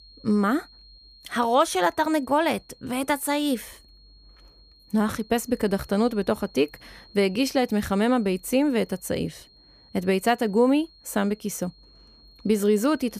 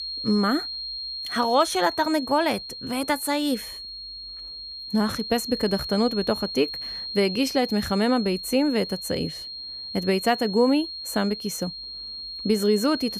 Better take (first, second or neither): first